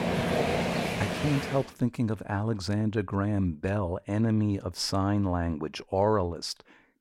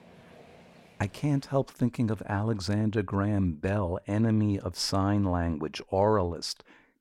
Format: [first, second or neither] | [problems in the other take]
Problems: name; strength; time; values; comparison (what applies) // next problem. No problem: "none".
second | train or aircraft noise; loud; until 1.5 s; as loud as the speech; faint in the second